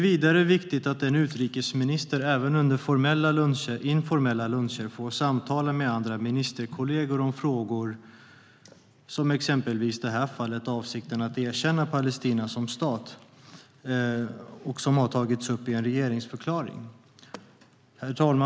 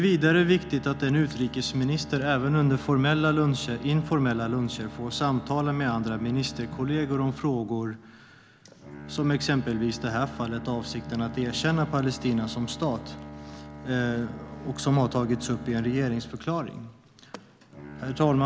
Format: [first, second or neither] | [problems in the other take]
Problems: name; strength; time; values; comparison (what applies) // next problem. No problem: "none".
first | background sound (Bowed string instrument); 14 dB below the speech